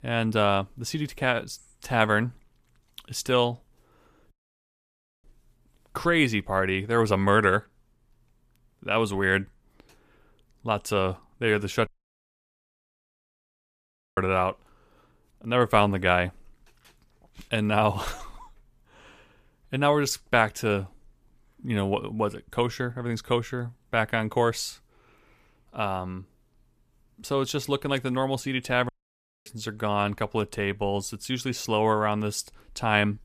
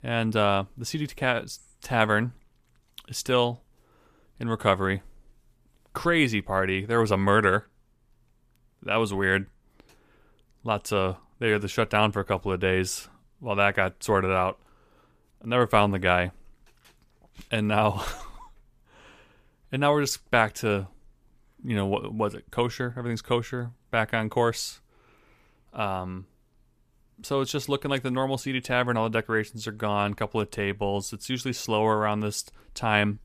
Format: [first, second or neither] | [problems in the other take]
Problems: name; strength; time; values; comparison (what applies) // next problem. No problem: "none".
second | audio cutting out; at 4.5 s for 1 s, at 12 s for 2.5 s and at 29 s for 0.5 s